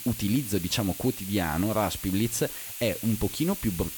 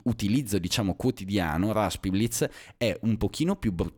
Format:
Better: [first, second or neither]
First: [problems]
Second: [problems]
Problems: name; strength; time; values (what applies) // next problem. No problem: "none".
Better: second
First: hiss; loud; throughout; 7 dB below the speech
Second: none